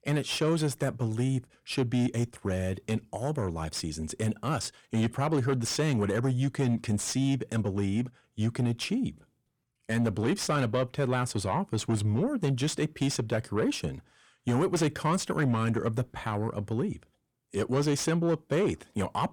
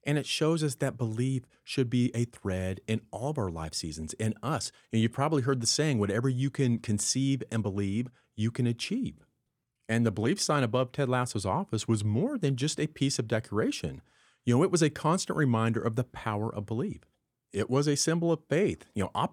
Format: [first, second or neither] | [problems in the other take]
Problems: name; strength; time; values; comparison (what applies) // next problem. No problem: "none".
second | distortion; slight; 10 dB below the speech